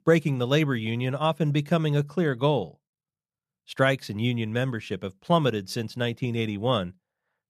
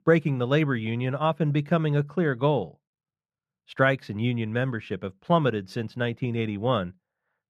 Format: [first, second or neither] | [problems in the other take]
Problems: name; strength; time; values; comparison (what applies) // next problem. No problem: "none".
first | muffled; slightly; fading above 4 kHz